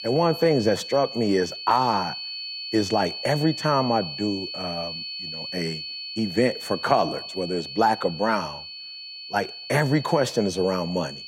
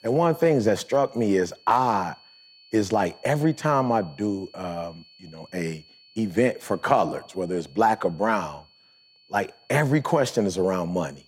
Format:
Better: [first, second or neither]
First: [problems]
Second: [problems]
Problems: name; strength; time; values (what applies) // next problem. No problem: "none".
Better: second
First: high-pitched whine; loud; throughout; 4.5 kHz, 8 dB below the speech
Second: high-pitched whine; faint; throughout; 4.5 kHz, 30 dB below the speech